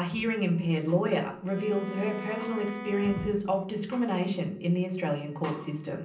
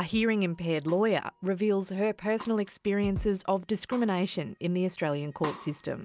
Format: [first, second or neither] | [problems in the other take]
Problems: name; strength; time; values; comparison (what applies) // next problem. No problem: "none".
second | background sound (Bowed string instrument); 14 dB below the speech // room echo; dies away in 0.6 s